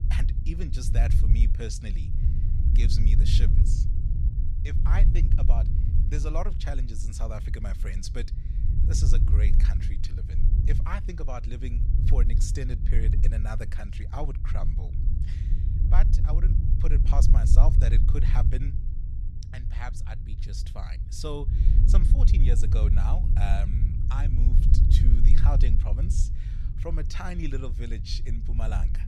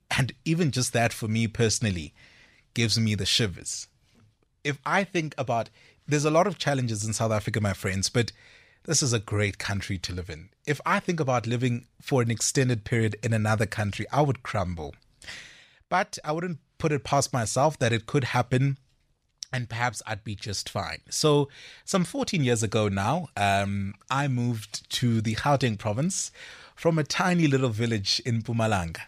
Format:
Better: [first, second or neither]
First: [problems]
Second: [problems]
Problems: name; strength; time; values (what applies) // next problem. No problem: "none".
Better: second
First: low rumble; loud; throughout; 4 dB below the speech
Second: none